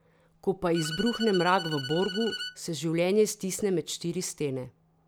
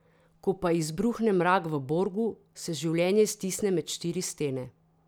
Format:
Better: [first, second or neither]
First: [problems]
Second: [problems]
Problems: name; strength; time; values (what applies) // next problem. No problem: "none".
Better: second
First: background sound (Bowed string instrument); 10 dB below the speech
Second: none